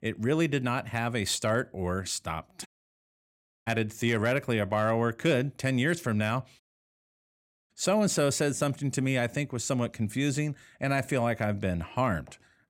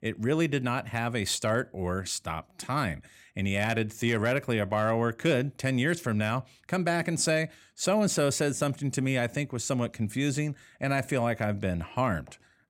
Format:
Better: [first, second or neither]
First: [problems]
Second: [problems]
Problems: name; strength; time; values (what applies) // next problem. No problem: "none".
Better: second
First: audio cutting out; at 2.5 s for 1 s and at 6.5 s for 1 s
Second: none